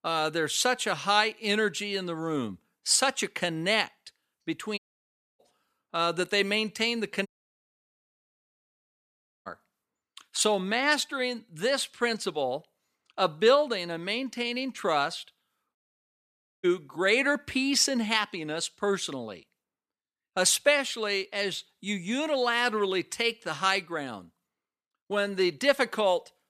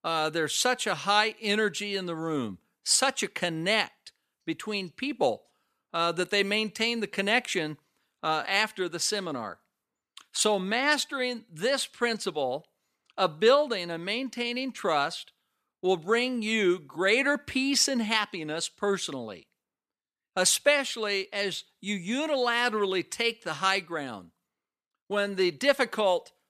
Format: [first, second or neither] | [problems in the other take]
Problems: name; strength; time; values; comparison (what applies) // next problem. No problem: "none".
second | audio cutting out; at 5 s for 0.5 s, at 7.5 s for 2 s and at 16 s for 1 s